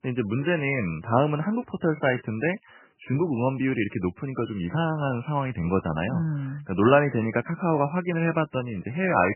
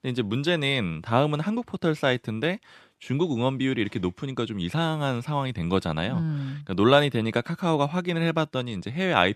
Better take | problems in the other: second | garbled, watery; badly; nothing above 3 kHz

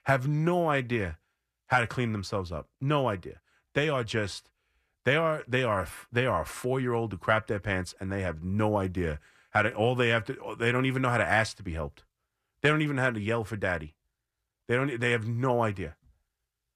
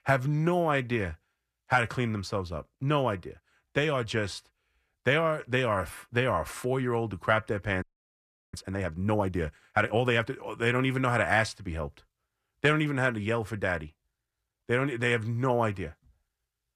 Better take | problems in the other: first | audio freezing; at 8 s for 0.5 s

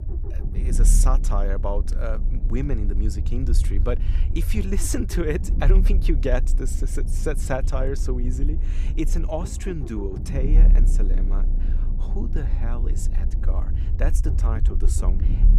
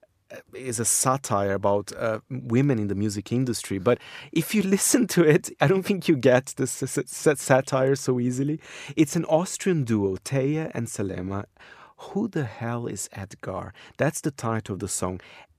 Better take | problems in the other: second | low rumble; noticeable; throughout; 10 dB below the speech

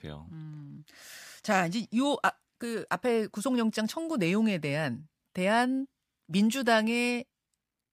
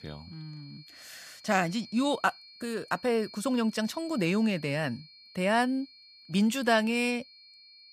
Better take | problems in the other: first | high-pitched whine; faint; throughout; 4.5 kHz, 20 dB below the speech

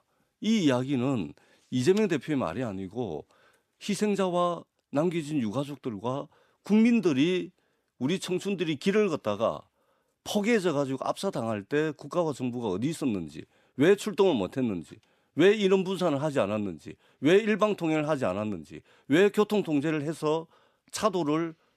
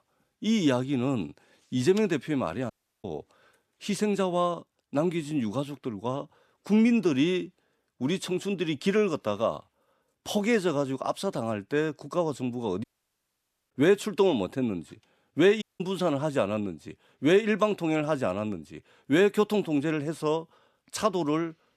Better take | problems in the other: first | audio cutting out; at 2.5 s, at 13 s for 1 s and at 16 s

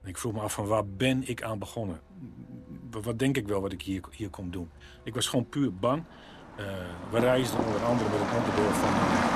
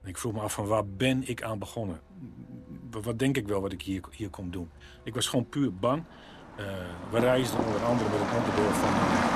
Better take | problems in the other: neither | traffic noise; very loud; throughout; 1 dB above the speech; the same in both

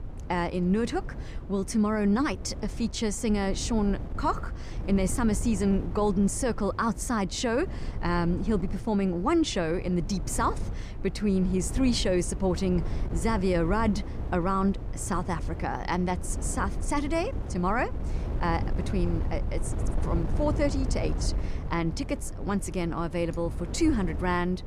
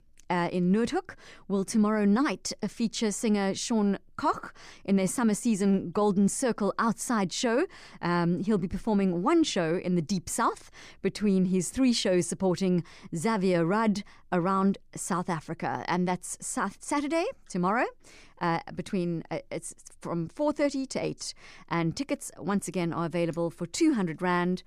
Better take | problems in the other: second | wind noise on the microphone; occasional gusts; 15 dB below the speech

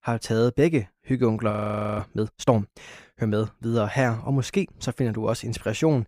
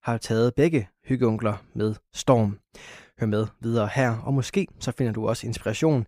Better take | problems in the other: second | audio freezing; at 1.5 s

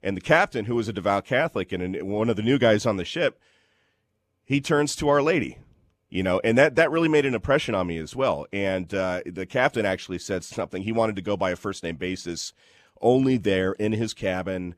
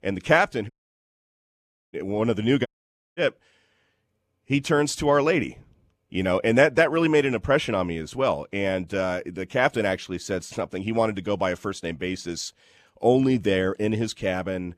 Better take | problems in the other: first | audio cutting out; at 0.5 s for 1 s and at 2.5 s for 0.5 s

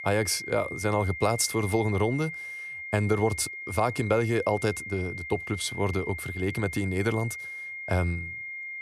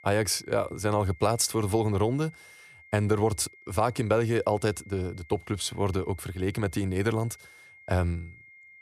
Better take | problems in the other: second | high-pitched whine; loud; throughout; 2 kHz, 8 dB below the speech; faint in the second

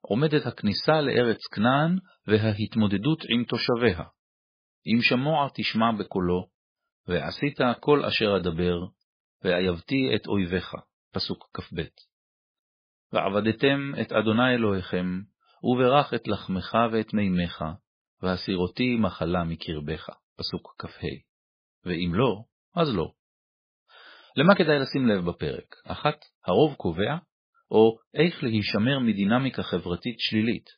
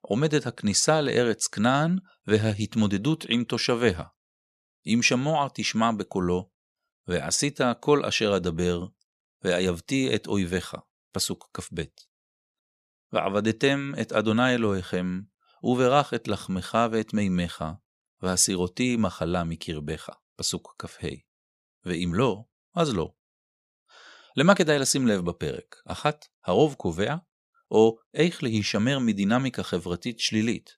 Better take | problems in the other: second | garbled, watery; badly; nothing above 5 kHz

